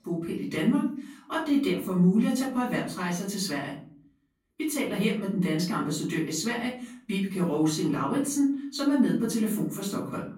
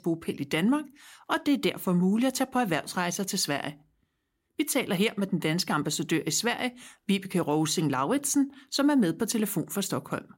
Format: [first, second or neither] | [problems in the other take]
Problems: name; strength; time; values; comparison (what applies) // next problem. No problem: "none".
second | off-mic speech; far // room echo; slight; dies away in 0.5 s